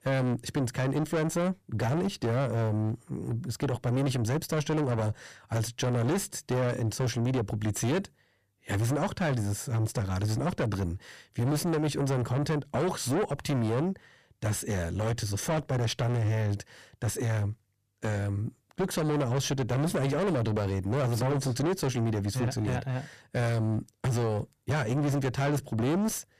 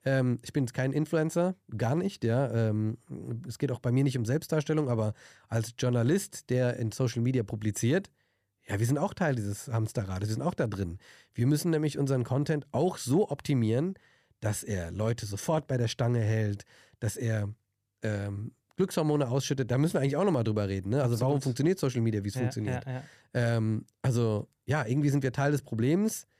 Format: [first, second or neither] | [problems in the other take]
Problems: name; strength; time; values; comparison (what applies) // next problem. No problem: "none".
second | distortion; heavy; 6 dB below the speech